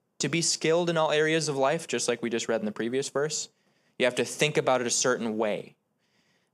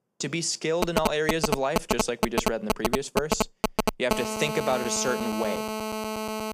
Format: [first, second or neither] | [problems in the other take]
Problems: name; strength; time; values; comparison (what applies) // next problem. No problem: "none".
first | phone ringing; loud; from 1 s on; peak 1 dB above the speech